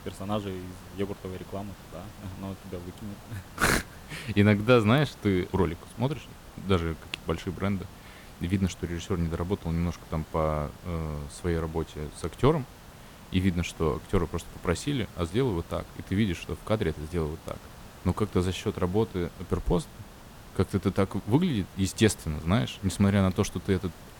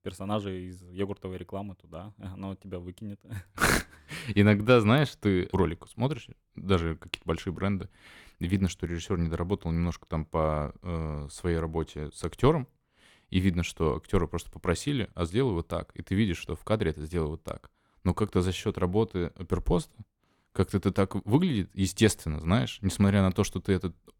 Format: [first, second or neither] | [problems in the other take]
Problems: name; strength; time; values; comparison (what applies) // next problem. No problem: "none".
second | hiss; noticeable; throughout; 20 dB below the speech